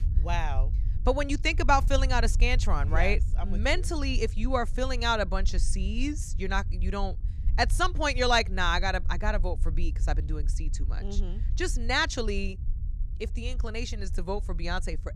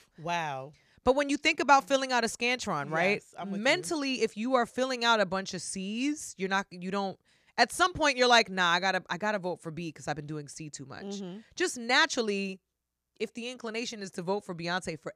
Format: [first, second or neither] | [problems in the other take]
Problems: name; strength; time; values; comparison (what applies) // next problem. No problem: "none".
second | low rumble; faint; throughout; 25 dB below the speech